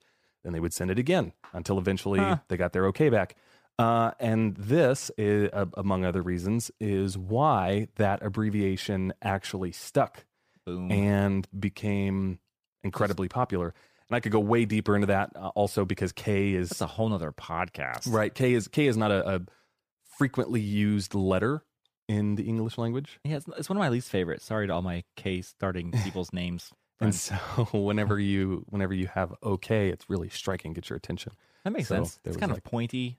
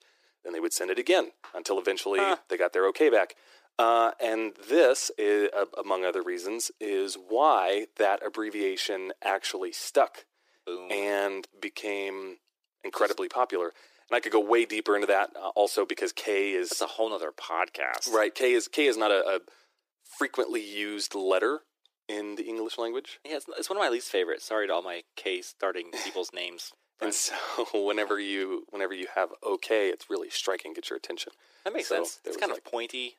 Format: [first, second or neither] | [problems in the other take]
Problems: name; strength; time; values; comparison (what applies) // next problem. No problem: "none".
first | thin; very; fading below 300 Hz